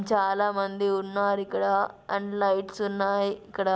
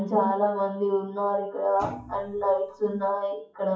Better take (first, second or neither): first